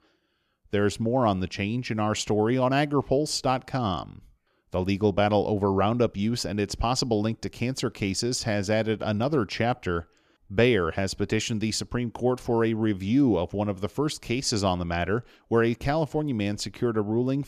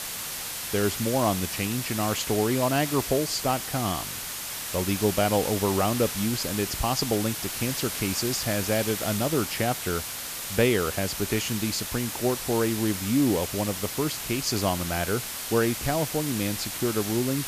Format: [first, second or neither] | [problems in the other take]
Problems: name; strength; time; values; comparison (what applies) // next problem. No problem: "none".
first | hiss; loud; throughout; 4 dB below the speech